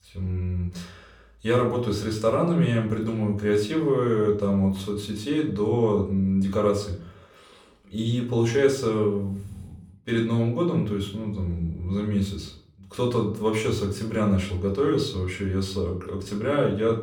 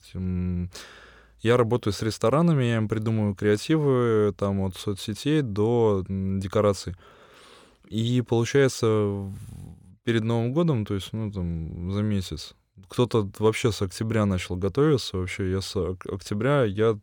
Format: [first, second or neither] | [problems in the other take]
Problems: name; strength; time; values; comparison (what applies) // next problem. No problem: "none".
second | off-mic speech; far // room echo; slight; dies away in 0.4 s